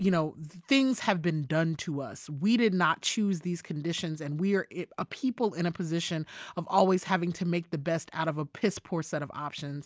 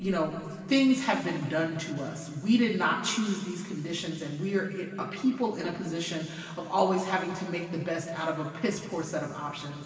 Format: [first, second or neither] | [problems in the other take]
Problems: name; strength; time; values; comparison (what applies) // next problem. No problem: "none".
first | room echo; dies away in 2.3 s